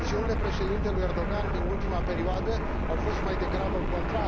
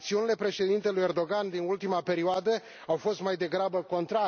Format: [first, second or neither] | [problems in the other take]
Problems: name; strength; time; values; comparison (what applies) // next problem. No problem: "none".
second | background sound (Fixed-wing aircraft, airplane); 5 dB above the speech